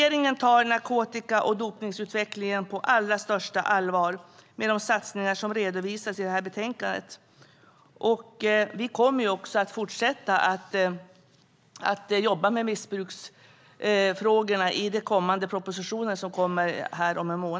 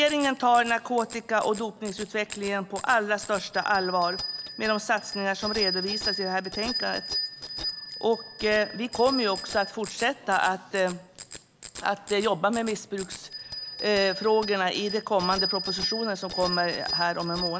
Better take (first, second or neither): first